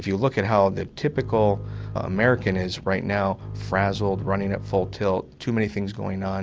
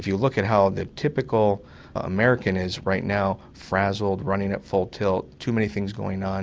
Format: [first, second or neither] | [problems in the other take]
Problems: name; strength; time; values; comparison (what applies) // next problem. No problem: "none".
second | background sound (Bowed string instrument); 11 dB below the speech